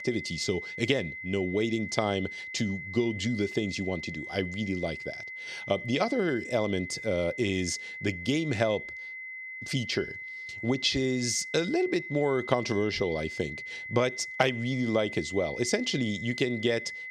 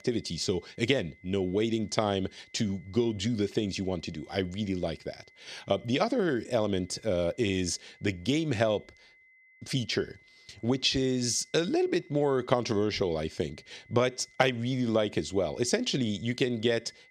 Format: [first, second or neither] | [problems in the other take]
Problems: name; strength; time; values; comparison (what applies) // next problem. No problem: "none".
second | high-pitched whine; loud; throughout; 2 kHz, 8 dB below the speech; faint in the second